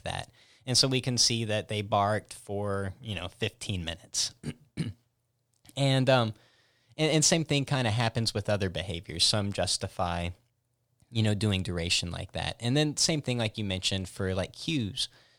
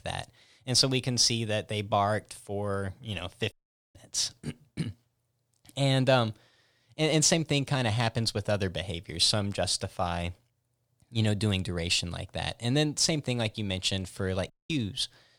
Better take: first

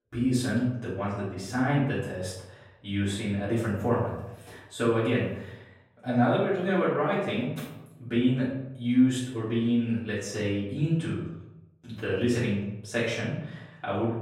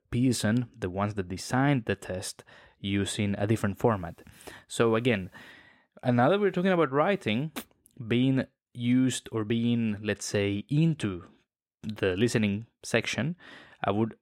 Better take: second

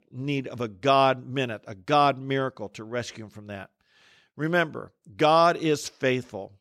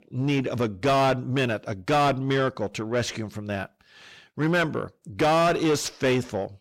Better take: first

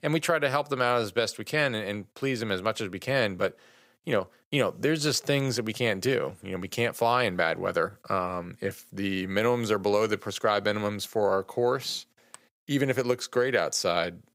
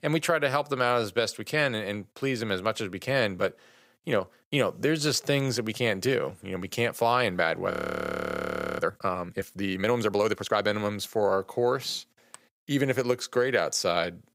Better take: first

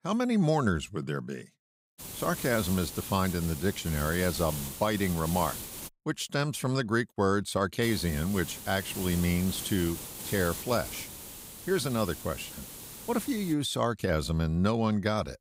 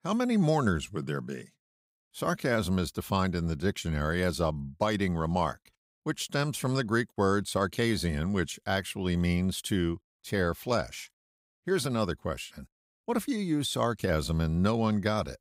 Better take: second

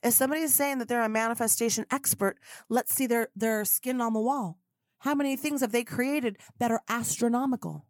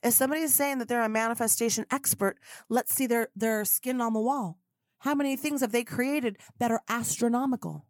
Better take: neither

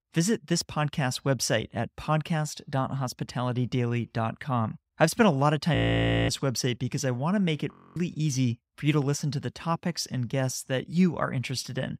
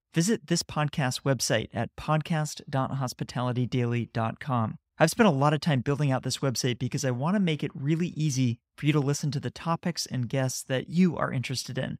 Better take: second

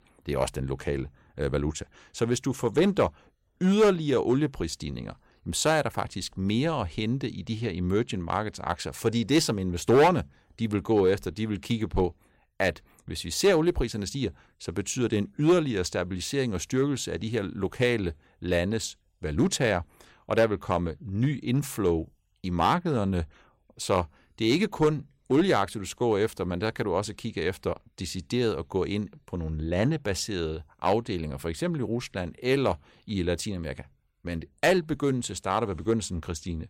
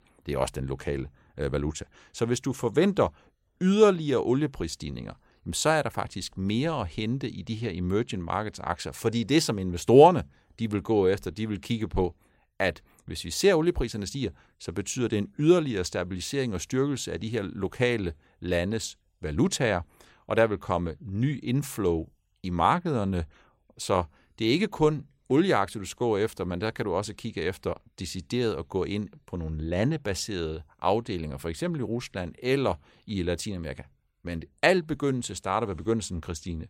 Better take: second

